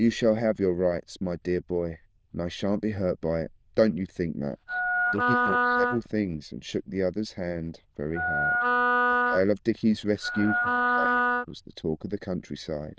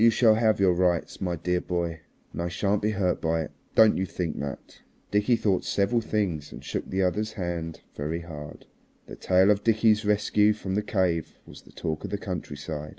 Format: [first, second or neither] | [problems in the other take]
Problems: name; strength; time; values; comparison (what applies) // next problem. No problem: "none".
second | noise reduction (neural diffusion model UNIVERSE++)